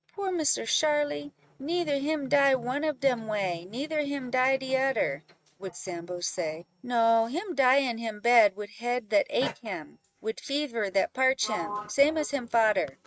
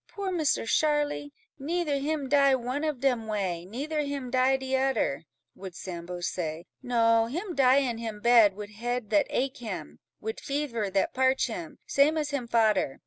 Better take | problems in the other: second | noise reduction (neural mask model RNNoise)

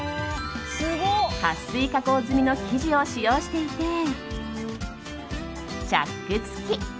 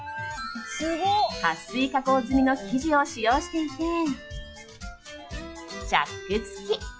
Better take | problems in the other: first | noise reduction (classical method log-MMSE)

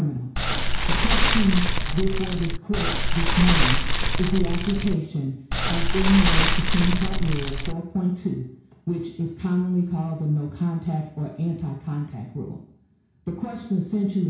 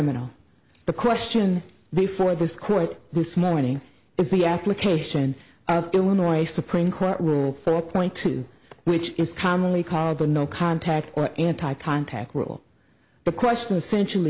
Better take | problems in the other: second | background sound (Fire); 5 dB above the speech // room echo; dies away in 0.6 s

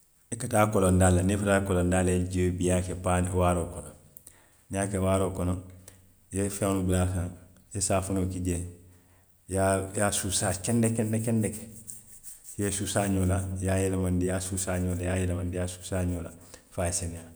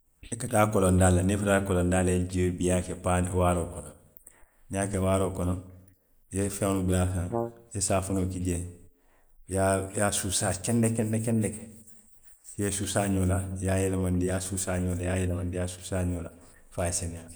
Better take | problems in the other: first | noise reduction (neural mask model Resemble Enhance denoiser)

